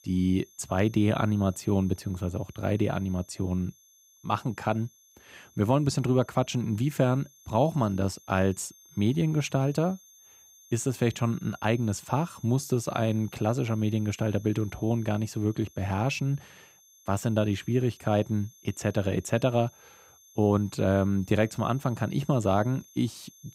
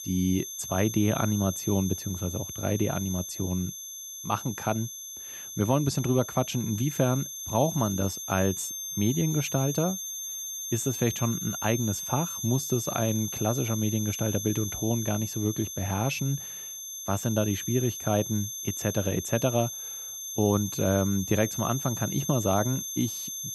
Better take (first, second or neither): first